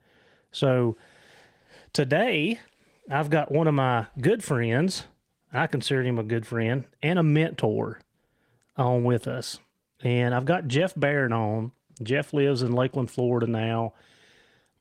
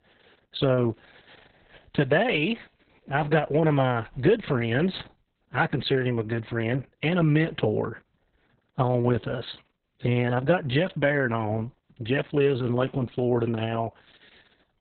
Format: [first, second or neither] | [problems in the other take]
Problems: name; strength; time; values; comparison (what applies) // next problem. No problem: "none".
first | garbled, watery; badly; nothing above 4 kHz; slightly in the first